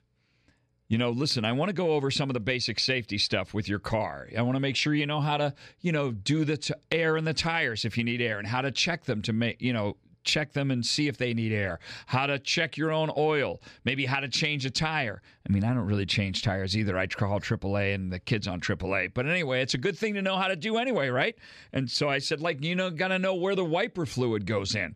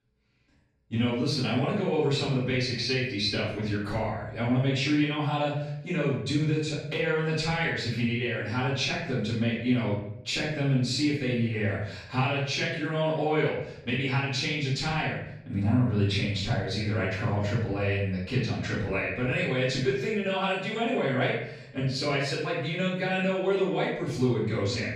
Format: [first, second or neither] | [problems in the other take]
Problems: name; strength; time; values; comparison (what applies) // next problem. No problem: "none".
first | off-mic speech; far // room echo; noticeable; dies away in 0.7 s